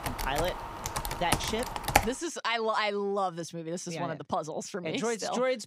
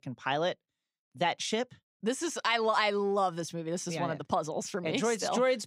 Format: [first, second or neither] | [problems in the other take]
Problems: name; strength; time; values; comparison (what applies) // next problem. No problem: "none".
second | household noises; very loud; until 2 s; 1 dB above the speech